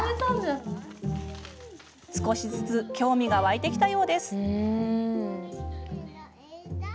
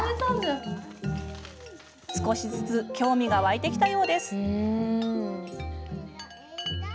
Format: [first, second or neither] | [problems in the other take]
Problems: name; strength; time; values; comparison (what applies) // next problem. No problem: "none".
first | background sound (Chime); 15 dB below the speech